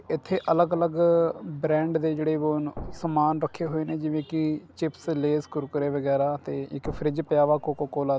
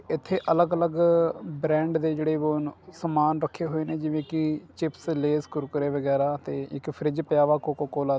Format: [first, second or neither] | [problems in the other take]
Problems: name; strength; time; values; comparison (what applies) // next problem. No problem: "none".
second | background sound (Thump, thud); 15 dB below the speech